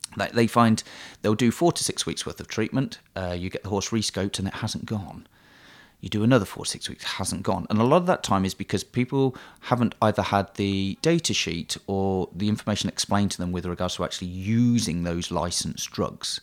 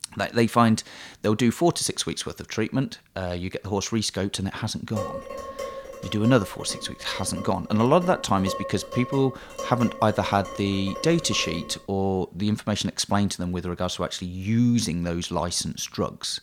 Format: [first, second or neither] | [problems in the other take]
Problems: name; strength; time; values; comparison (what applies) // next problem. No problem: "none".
first | clattering dishes; noticeable; from 5 to 12 s; peak 8 dB below the speech